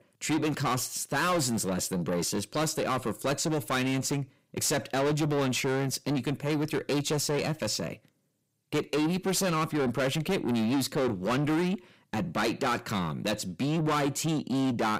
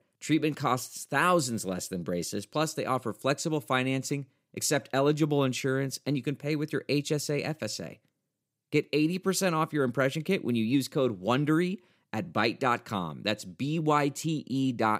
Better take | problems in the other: second | distortion; heavy; 6 dB below the speech

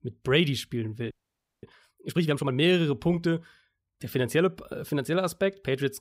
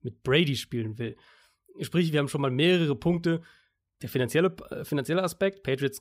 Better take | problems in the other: second | audio freezing; at 1 s for 0.5 s

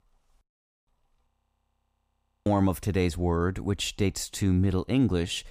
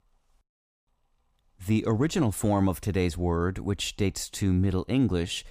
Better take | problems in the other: second | audio freezing; at 1.5 s for 1 s

